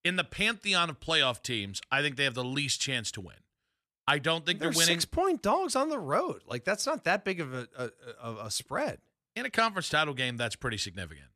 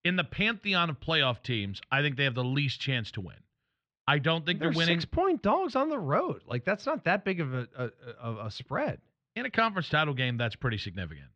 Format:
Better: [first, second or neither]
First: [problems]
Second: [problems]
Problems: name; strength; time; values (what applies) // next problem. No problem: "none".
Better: first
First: none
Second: muffled; slightly; fading above 3.5 kHz